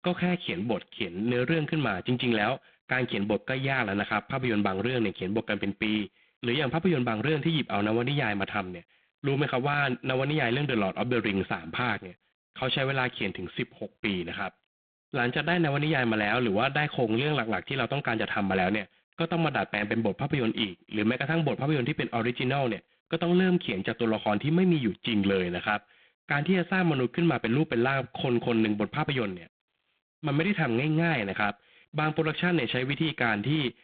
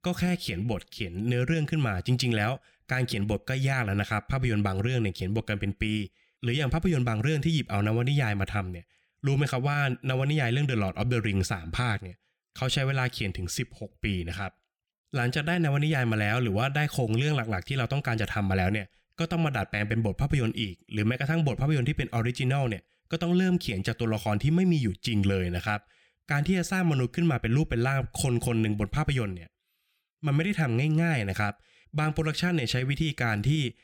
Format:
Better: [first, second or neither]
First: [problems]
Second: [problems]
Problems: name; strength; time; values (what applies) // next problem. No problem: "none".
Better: second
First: phone-call audio; poor line; nothing above 3.5 kHz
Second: none